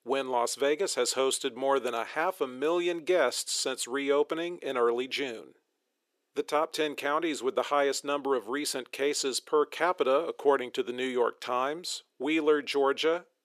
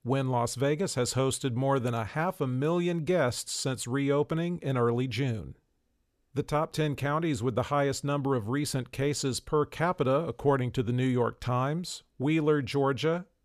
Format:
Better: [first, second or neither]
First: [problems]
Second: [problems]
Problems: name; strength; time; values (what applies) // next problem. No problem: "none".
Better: second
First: thin; somewhat; fading below 350 Hz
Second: none